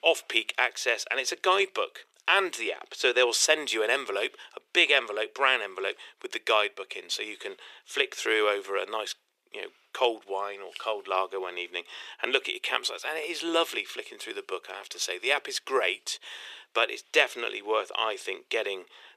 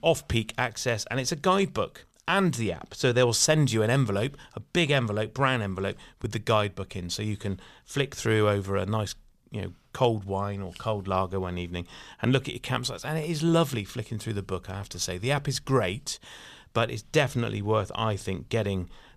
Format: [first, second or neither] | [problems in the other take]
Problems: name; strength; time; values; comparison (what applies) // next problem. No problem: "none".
second | thin; very; fading below 350 Hz